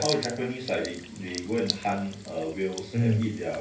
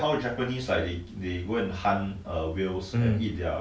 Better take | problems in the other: second | background sound (Sink (filling or washing) / Water tap, faucet); 10 dB below the speech // room echo; dies away in 0.3 s

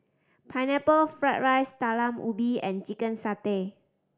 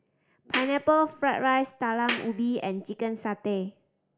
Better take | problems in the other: first | background sound (Clapping); 9 dB below the speech

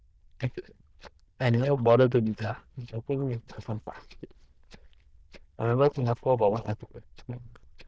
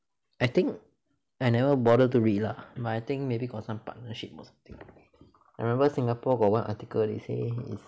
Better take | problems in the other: second | noise reduction (neural diffusion model UNIVERSE++)

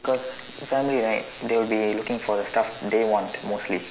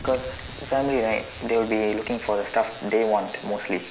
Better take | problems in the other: first | background sound (Boom); 19 dB below the speech

